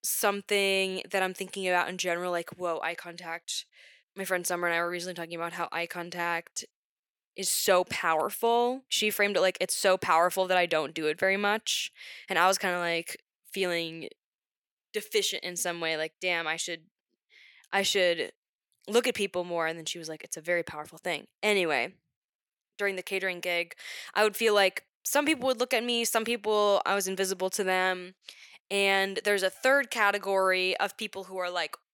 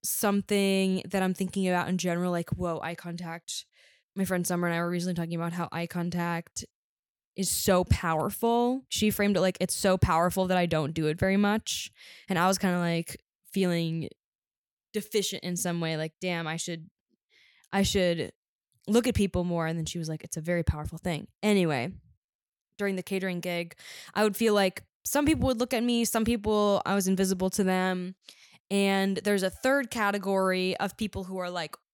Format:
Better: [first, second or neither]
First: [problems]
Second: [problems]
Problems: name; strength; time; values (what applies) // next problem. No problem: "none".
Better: second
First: thin; somewhat; fading below 450 Hz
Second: none